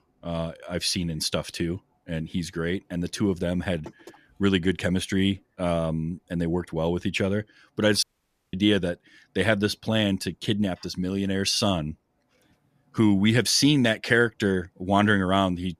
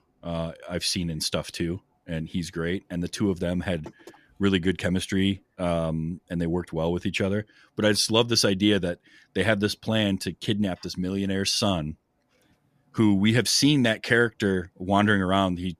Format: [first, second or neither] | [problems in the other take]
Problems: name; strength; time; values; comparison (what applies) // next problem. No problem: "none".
second | audio cutting out; at 8 s for 0.5 s